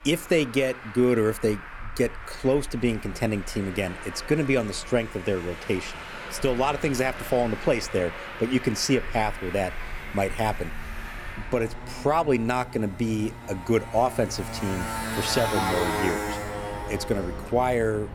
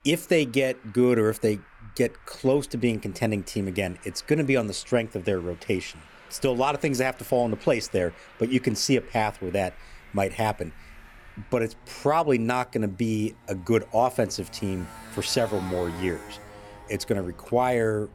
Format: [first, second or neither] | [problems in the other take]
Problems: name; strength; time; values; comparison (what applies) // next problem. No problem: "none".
second | traffic noise; loud; throughout; 8 dB below the speech; faint in the second